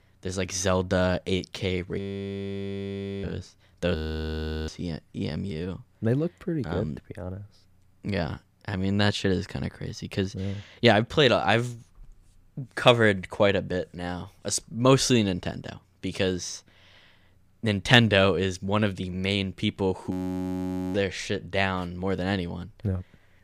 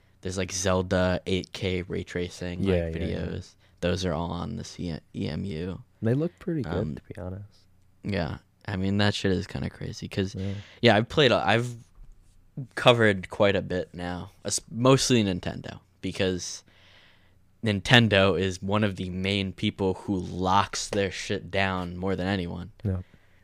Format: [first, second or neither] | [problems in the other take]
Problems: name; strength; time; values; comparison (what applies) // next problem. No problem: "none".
second | audio freezing; at 2 s for 1 s, at 4 s for 0.5 s and at 20 s for 1 s